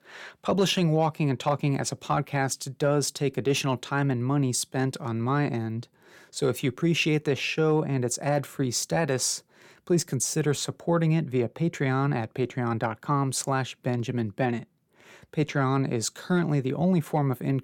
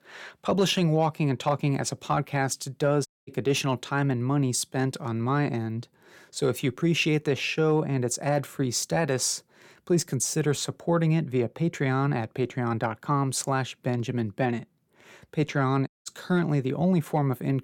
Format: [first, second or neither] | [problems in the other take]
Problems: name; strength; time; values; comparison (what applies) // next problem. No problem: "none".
first | audio cutting out; at 3 s and at 16 s